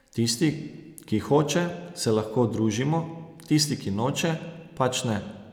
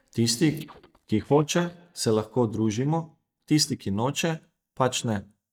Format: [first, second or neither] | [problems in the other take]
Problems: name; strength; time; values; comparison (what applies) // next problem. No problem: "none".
first | noise reduction (neural mask model DeepFilterNet 3)